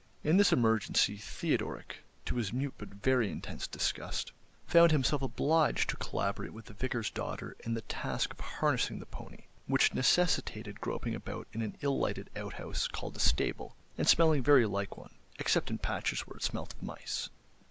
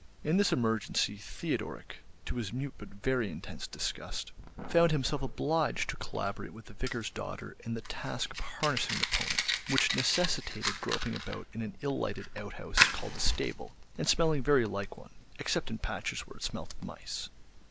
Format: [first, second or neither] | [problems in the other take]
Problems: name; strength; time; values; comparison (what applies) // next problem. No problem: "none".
first | background sound (Fire); 6 dB below the speech